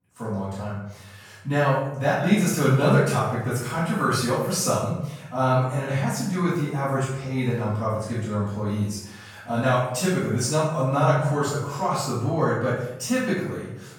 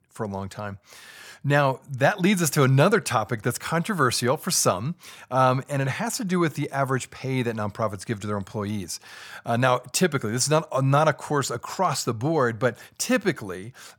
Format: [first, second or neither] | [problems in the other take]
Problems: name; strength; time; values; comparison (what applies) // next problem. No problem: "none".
second | room echo; strong; dies away in 0.8 s // off-mic speech; far